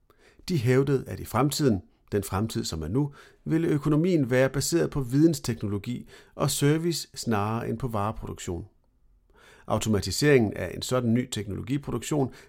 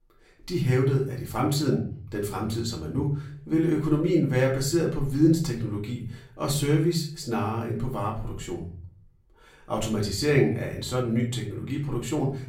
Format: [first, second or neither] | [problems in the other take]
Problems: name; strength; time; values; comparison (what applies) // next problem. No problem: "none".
first | room echo; slight; dies away in 0.5 s // off-mic speech; far